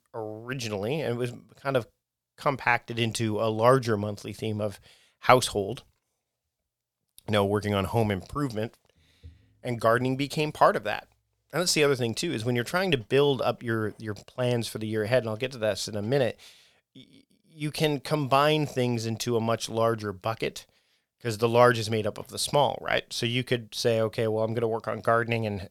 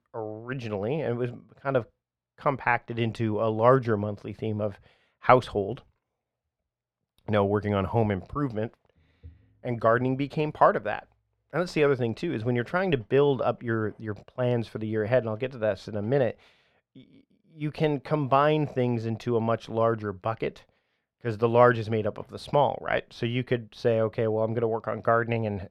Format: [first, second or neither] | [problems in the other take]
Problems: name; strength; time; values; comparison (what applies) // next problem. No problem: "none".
first | muffled; very; fading above 4 kHz